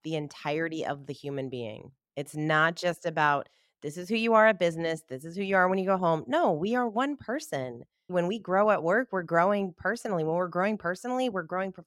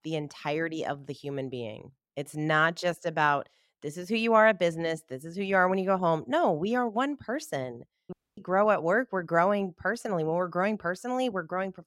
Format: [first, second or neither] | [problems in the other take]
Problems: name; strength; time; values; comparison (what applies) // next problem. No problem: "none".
first | audio cutting out; at 8 s